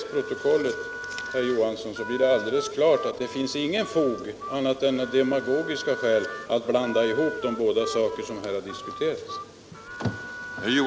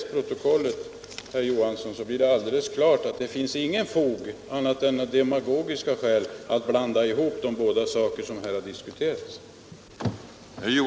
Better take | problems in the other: second | background sound (Harmonica); 12 dB below the speech

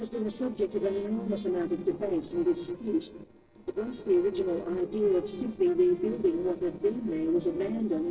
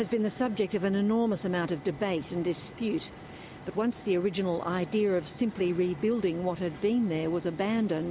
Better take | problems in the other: second | noise reduction (neural separator model SepFormer DNS4)

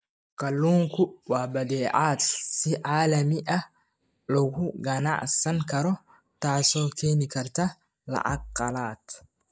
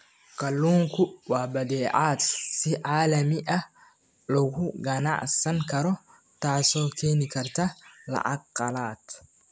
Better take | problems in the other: second | noise reduction (neural mask model DeepFilterNet 3)

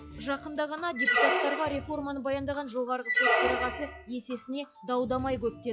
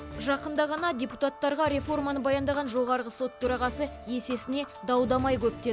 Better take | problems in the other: second | noise reduction (classical method log-MMSE)

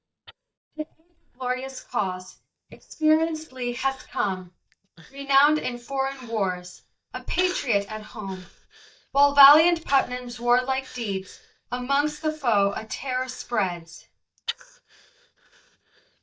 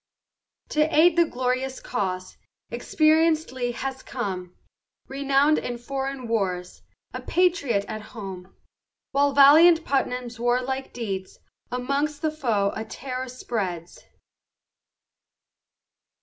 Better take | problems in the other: second | noise reduction (neural mask model DeepFilterNet 3)

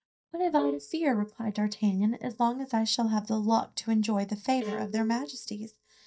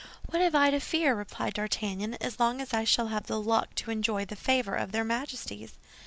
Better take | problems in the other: second | noise reduction (neural mask model DeepFilterNet 3)

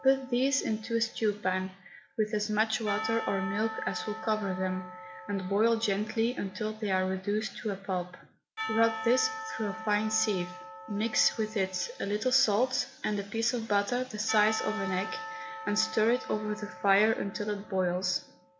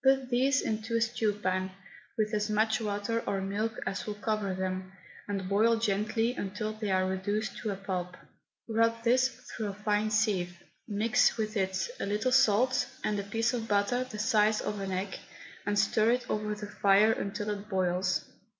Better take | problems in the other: second | background sound (Percussion); 12 dB below the speech

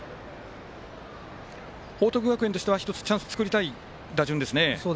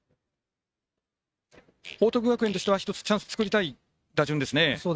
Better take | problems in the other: first | noise reduction (neural mask model RNNoise)

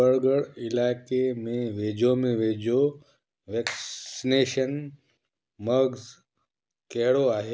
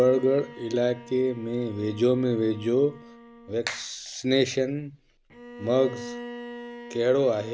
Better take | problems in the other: first | background sound (Bowed string instrument); 16 dB below the speech

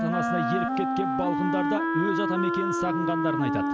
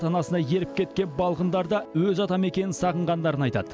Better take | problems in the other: second | background sound (Wind instrument, woodwind instrument); 4 dB above the speech

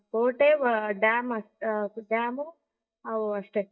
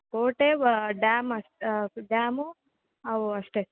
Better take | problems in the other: second | noise reduction (neural mask model DeepFilterNet 3)

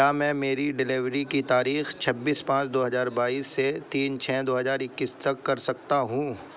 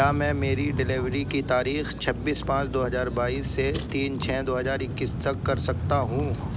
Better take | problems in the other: first | background sound (Vehicle); 3 dB below the speech

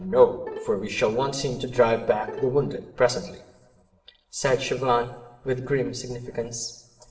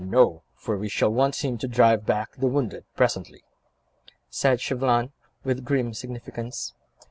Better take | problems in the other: second | background sound (Bowed string instrument); 15 dB below the speech // room echo; dies away in 0.9 s

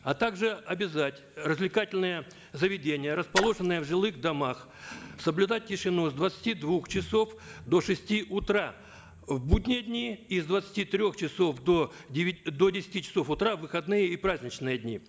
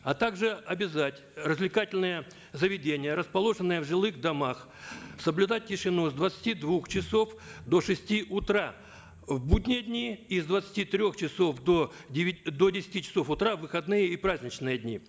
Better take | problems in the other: second | background sound (Splash, splatter); 6 dB below the speech

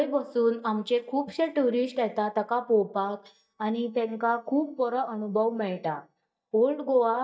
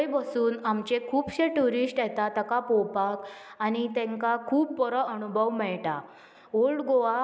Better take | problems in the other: second | noise reduction (neural mask model DeepFilterNet 3)

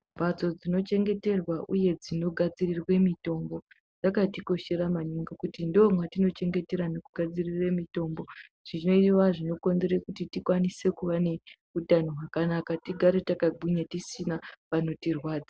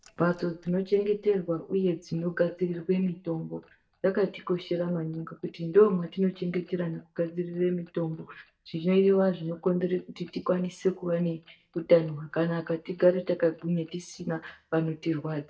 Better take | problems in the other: first | noise reduction (neural mask model DeepFilterNet 3)

